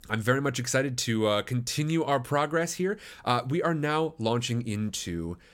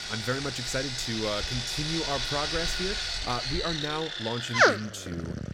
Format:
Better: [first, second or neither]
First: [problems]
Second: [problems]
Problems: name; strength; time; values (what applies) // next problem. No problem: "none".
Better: first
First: none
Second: machinery noise; very loud; throughout; 4 dB above the speech